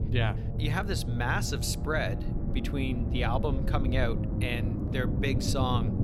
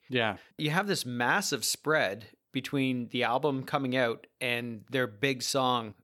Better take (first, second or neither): second